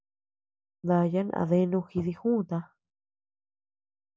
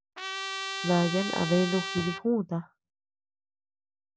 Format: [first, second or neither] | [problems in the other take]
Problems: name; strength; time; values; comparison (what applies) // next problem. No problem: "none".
first | background sound (Trumpet); 5 dB below the speech